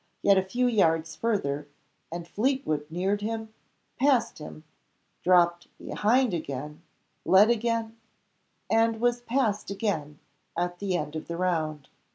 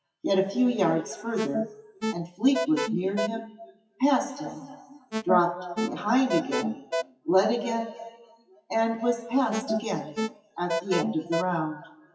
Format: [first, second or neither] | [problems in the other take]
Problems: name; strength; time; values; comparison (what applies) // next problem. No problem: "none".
first | noise reduction (classical method WPE with log-MMSE)